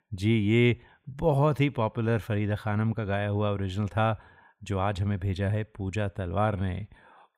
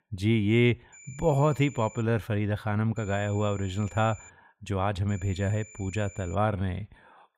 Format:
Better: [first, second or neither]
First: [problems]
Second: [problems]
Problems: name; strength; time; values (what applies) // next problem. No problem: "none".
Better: first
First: none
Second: high-pitched whine; faint; from 1 to 2 s, from 3 to 4.5 s and from 5 to 6.5 s; 7 kHz, 20 dB below the speech